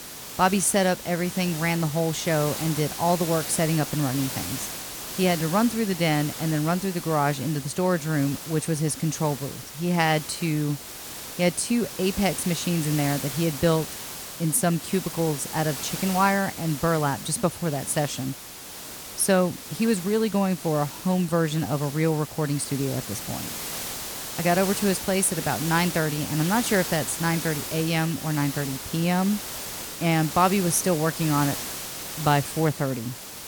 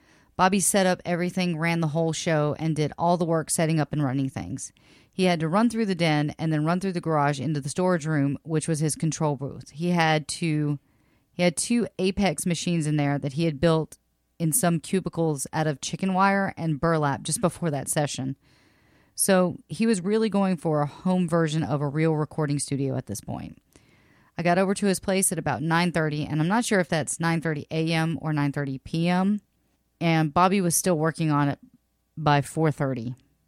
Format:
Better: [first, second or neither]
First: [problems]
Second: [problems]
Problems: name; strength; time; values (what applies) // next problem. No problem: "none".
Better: second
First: hiss; loud; throughout; 8 dB below the speech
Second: none